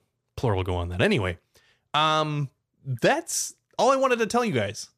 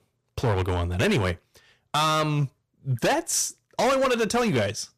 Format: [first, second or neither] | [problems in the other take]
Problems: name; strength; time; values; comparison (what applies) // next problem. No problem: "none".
first | distortion; heavy; 12% of the sound clipped